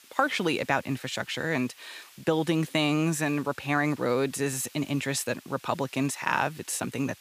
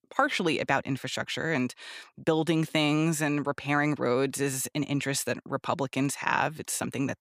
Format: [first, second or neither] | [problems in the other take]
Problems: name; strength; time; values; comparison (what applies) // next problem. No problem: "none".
second | hiss; faint; throughout; 25 dB below the speech